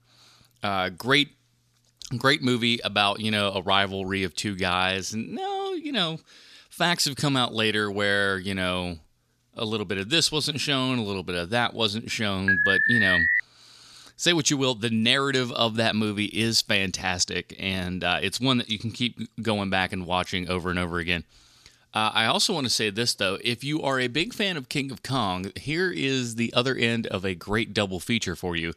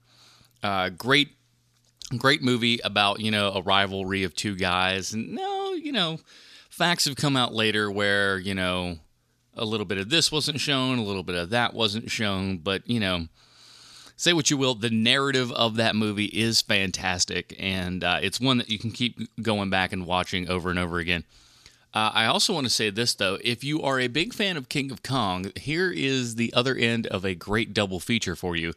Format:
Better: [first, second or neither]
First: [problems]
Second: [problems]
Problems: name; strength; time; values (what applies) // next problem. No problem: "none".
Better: second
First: alarm; loud; at 12 s; peak 5 dB above the speech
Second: none